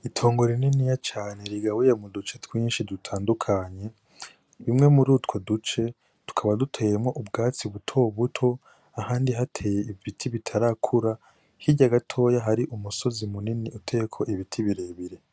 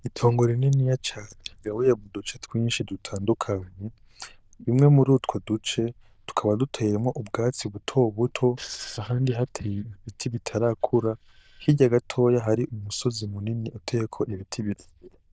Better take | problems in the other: first | noise reduction (neural diffusion model UNIVERSE++)

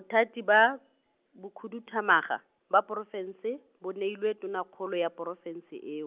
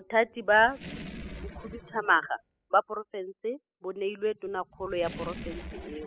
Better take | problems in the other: first | noise reduction (classical method spectral subtraction)

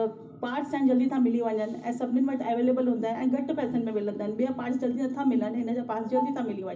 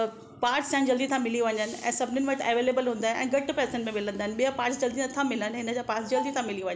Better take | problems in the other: second | room echo; dies away in 0.4 s

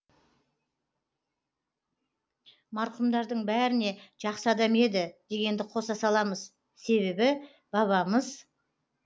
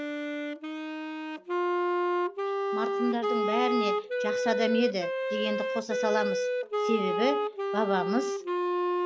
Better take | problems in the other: first | background sound (Wind instrument, woodwind instrument); 3 dB above the speech

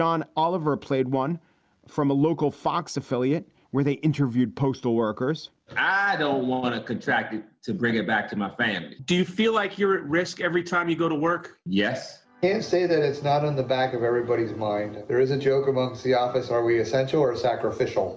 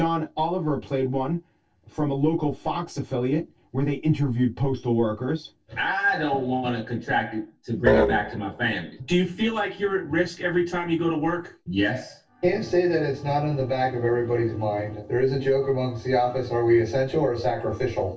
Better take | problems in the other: first | noise reduction (neural separator model SepFormer DNS4)

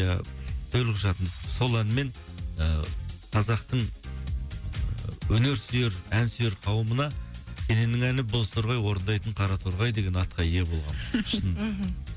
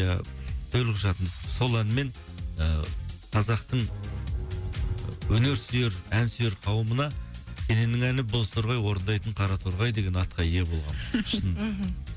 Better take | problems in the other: first | background sound (Bowed string instrument); 10 dB below the speech

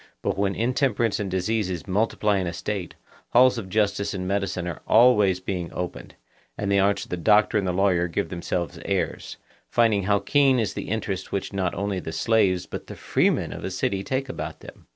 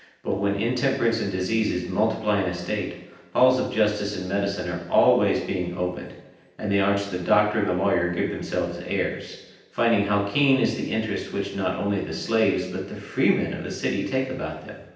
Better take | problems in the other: first | room echo; dies away in 0.9 s

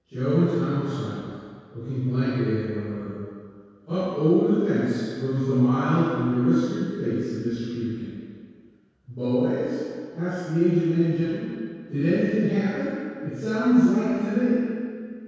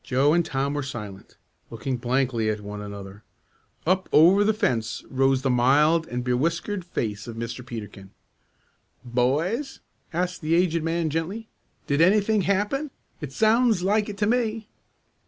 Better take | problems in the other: second | room echo; dies away in 2 s

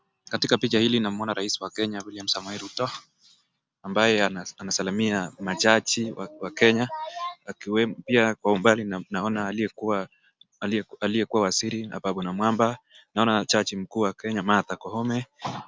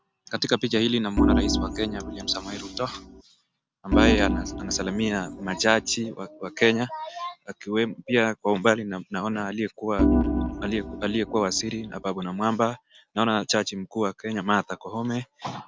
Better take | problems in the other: first | background sound (Organ); 1 dB above the speech

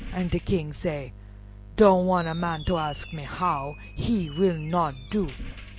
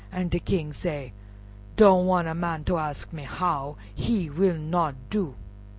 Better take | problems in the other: second | background sound (Squeak); 18 dB below the speech

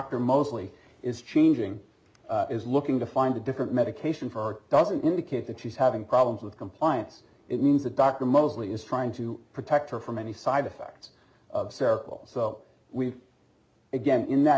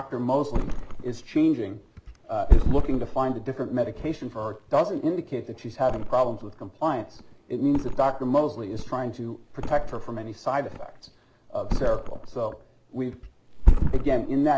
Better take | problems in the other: first | background sound (Thump, thud); as loud as the speech

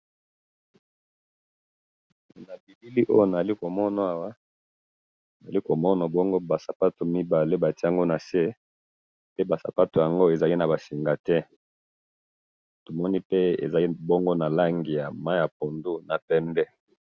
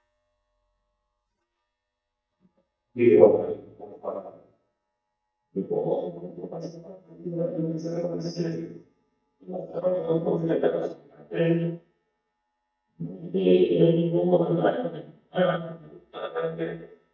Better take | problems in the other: first | noise reduction (neural mask model DeepFilterNet 3)

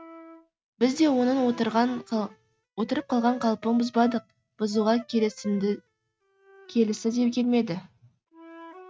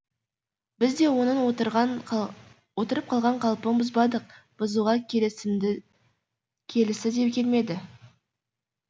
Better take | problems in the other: second | noise reduction (neural mask model RNNoise)

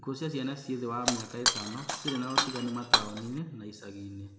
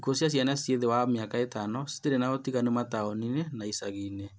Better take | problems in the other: second | background sound (Shatter); 5 dB above the speech // room echo; dies away in 2 s

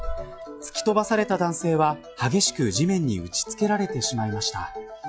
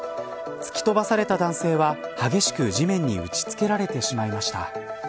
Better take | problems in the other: second | noise reduction (classical method log-MMSE)

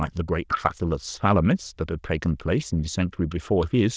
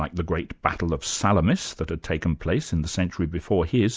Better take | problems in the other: second | noise reduction (neural diffusion model UNIVERSE++)

